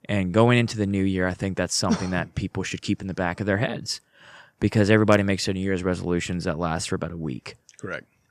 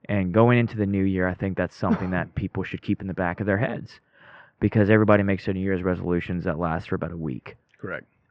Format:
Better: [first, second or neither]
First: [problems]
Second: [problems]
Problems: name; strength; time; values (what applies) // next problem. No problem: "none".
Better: first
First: none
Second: muffled; very; fading above 2.5 kHz